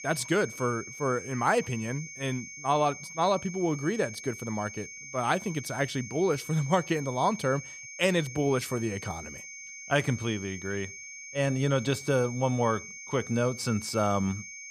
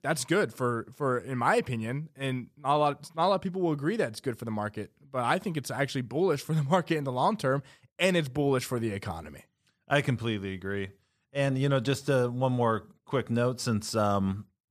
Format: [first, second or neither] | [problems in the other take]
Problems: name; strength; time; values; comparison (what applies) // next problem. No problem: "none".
second | high-pitched whine; noticeable; throughout; 2 kHz, 10 dB below the speech